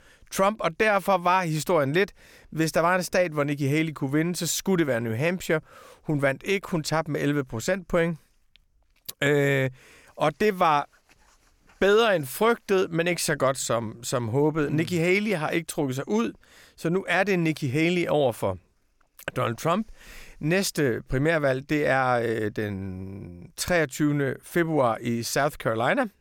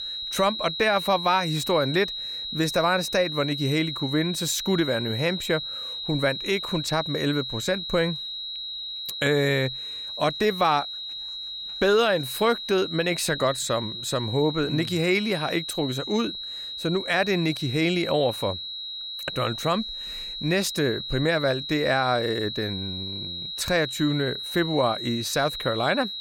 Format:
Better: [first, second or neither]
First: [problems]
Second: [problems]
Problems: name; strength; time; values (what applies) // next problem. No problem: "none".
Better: first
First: none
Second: high-pitched whine; loud; throughout; 4 kHz, 6 dB below the speech